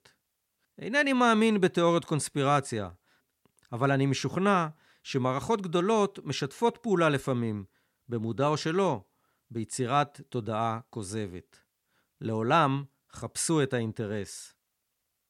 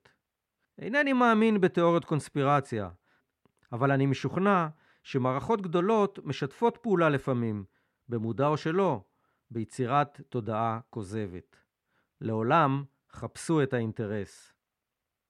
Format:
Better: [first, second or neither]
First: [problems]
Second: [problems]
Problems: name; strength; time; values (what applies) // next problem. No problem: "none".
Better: first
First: none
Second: muffled; slightly; fading above 3.5 kHz